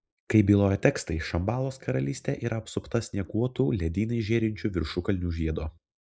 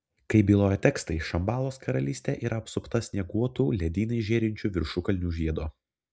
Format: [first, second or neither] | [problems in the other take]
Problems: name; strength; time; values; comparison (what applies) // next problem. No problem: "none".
second | noise reduction (neural mask model Resemble Enhance denoiser)